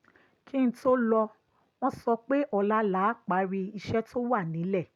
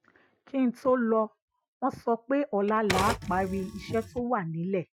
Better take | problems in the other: first | noise reduction (classical method Wiener filter)

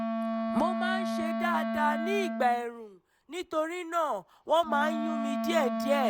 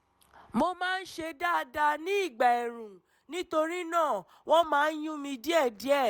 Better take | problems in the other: second | background sound (Wind instrument, woodwind instrument); 2 dB below the speech

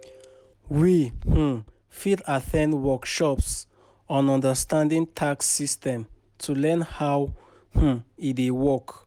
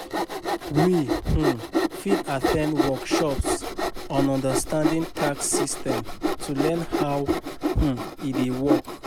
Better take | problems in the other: first | background sound (Sawing); as loud as the speech

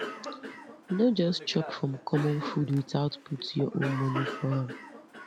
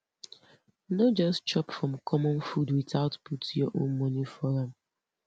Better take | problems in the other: second | background sound (Cough); 10 dB below the speech

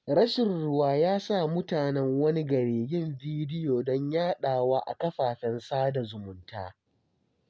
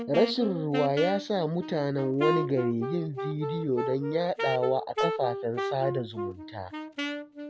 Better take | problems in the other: first | background sound (Wind instrument, woodwind instrument); 5 dB below the speech

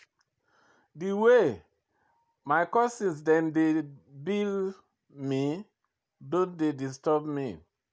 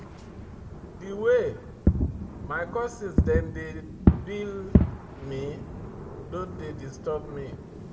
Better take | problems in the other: first | background sound (Fireworks); 4 dB above the speech // room echo; dies away in 0.6 s

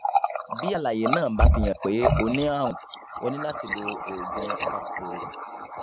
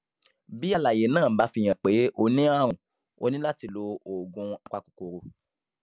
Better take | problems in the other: second | background sound (Water tap, faucet); 2 dB above the speech

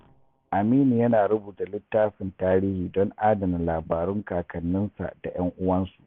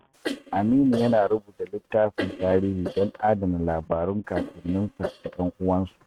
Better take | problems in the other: first | noise reduction (neural mask model RNNoise)

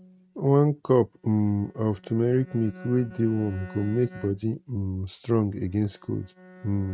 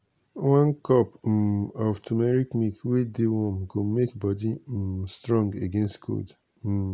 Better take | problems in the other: second | noise reduction (neural mask model RNNoise)

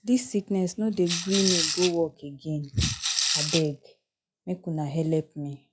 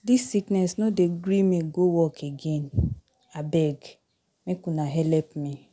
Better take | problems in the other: second | noise reduction (classical method log-MMSE)

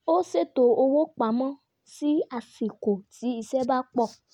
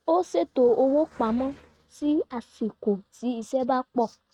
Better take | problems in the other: first | noise reduction (neural mask model RNNoise)

